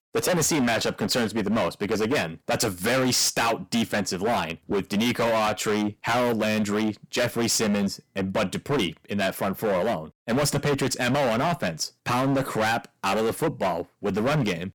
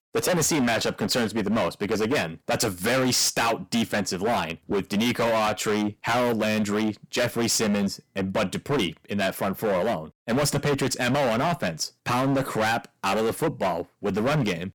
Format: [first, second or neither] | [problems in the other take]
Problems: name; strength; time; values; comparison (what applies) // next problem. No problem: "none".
neither | distortion; heavy; 22% of the sound clipped; the same in both